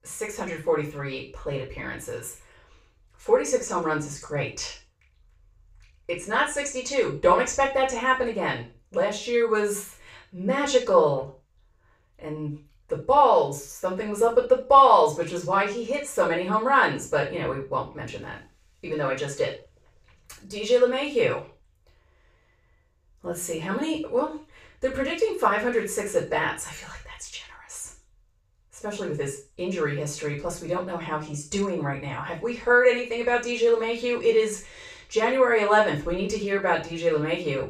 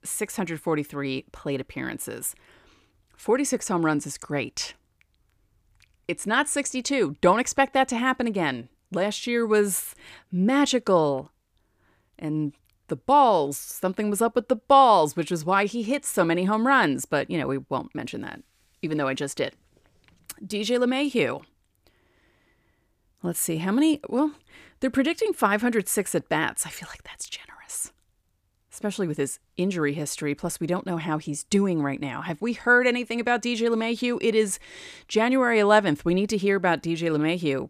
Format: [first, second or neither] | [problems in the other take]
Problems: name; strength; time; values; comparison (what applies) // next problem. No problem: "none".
second | room echo; noticeable; dies away in 0.3 s // off-mic speech; far